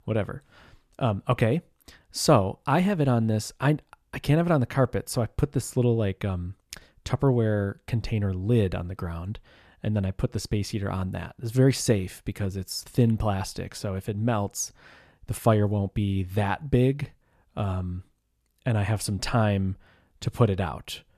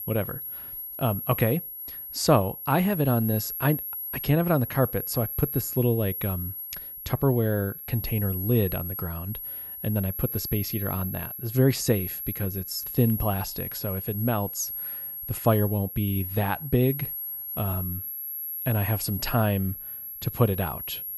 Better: first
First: none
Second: high-pitched whine; loud; throughout; 11.5 kHz, 6 dB below the speech

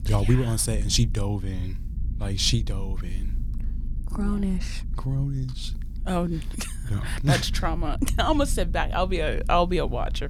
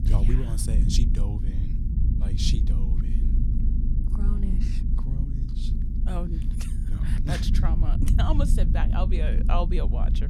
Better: first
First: low rumble; faint; throughout; 20 dB below the speech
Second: low rumble; loud; throughout; 5 dB below the speech

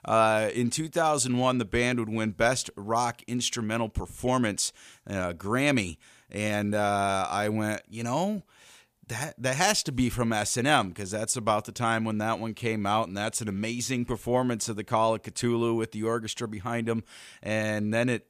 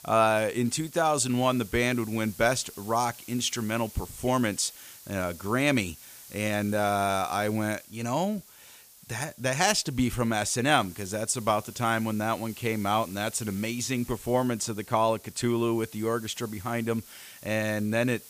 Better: first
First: none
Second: hiss; noticeable; throughout; 20 dB below the speech

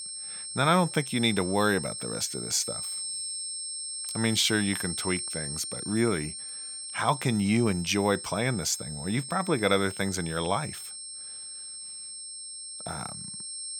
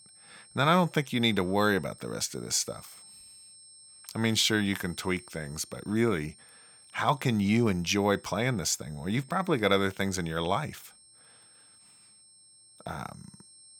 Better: second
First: high-pitched whine; loud; throughout; 8.5 kHz, 7 dB below the speech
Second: high-pitched whine; faint; throughout; 8.5 kHz, 25 dB below the speech

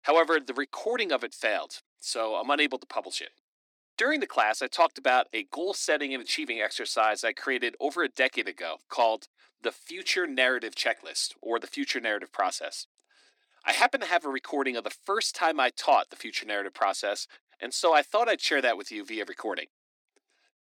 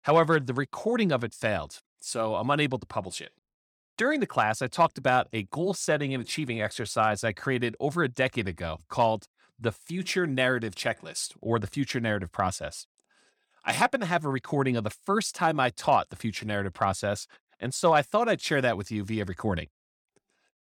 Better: second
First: thin; somewhat; fading below 300 Hz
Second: none

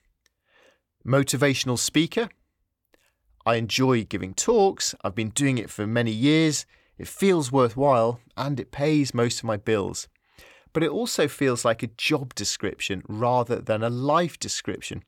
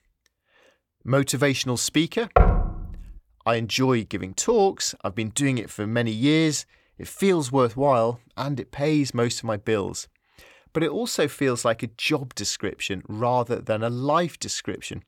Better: first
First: none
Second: door banging; loud; at 2.5 s; peak 4 dB above the speech

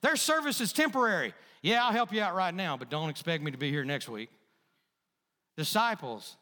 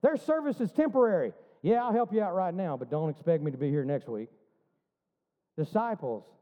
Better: first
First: none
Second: muffled; very; fading above 1.5 kHz

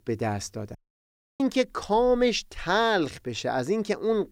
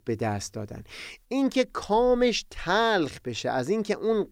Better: second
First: audio cutting out; at 1 s for 0.5 s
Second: none

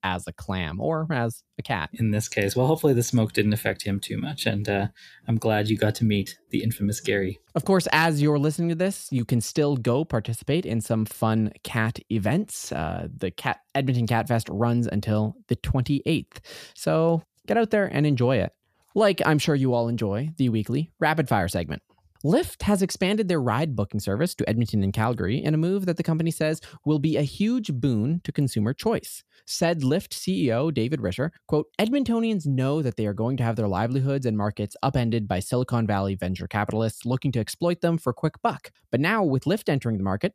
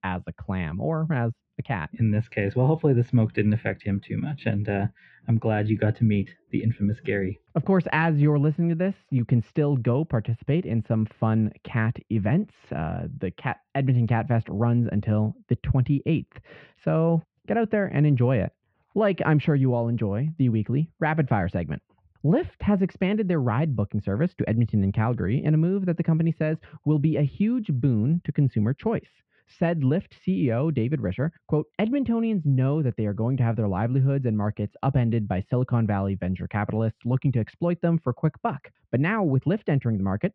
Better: first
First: none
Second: muffled; very; fading above 2.5 kHz

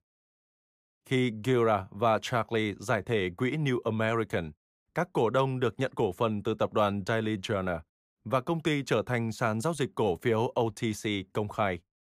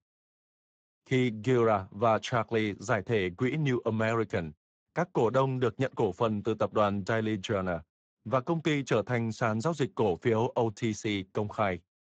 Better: first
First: none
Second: garbled, watery; badly; nothing above 7.5 kHz

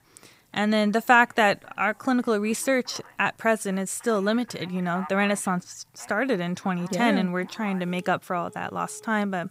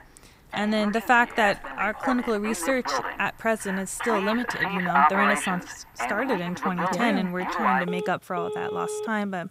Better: first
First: alarms or sirens; faint; throughout; 25 dB below the speech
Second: alarms or sirens; loud; throughout; 2 dB below the speech

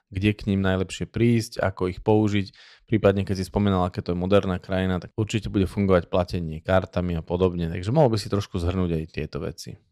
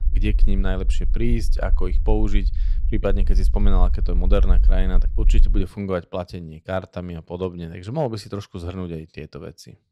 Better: first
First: none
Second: low rumble; noticeable; until 5.5 s; 15 dB below the speech

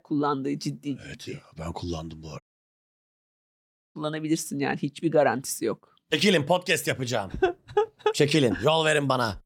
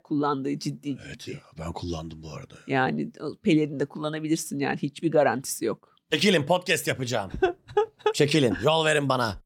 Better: second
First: audio cutting out; at 2.5 s for 1.5 s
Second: none

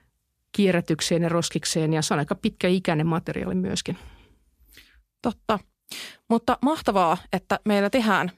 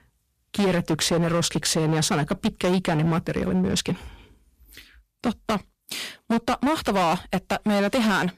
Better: first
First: none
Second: distortion; heavy; 14% of the sound clipped

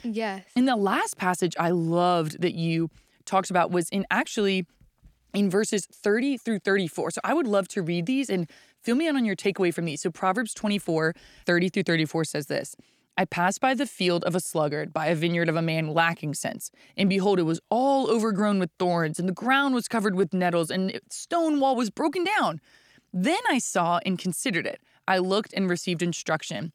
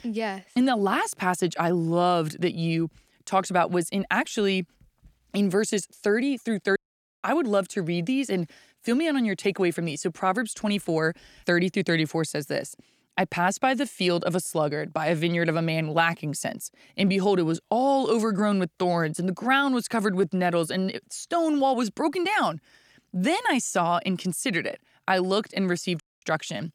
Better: first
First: none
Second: audio cutting out; at 7 s and at 26 s

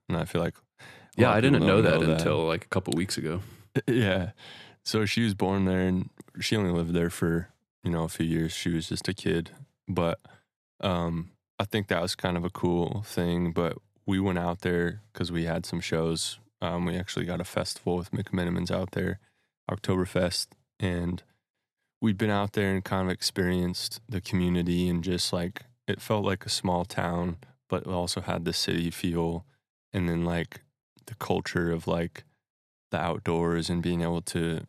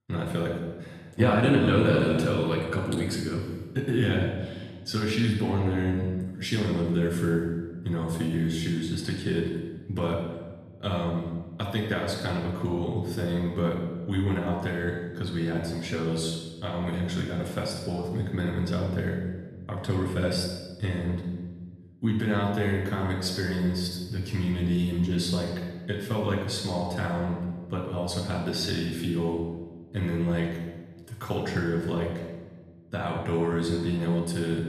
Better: first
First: none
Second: off-mic speech; far // room echo; noticeable; dies away in 1.1 s

